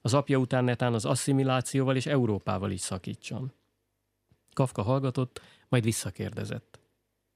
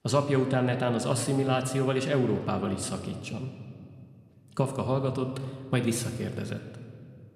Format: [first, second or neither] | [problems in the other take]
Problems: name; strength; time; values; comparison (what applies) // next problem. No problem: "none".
first | room echo; slight; dies away in 1.5 s